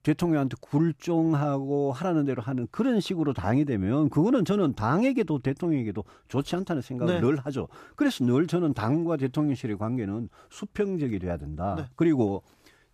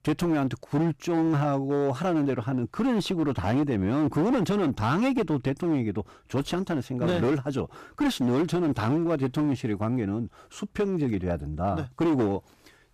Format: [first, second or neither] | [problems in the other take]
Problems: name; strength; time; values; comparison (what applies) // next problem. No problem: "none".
first | distortion; slight; 13% of the sound clipped